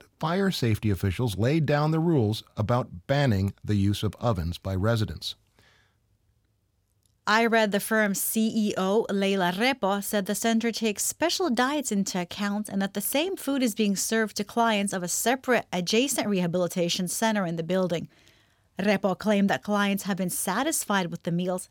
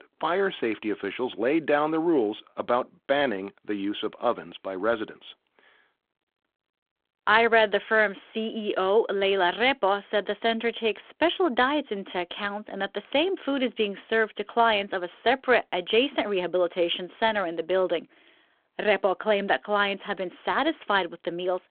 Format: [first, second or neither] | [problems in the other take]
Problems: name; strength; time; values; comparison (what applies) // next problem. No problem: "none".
first | phone-call audio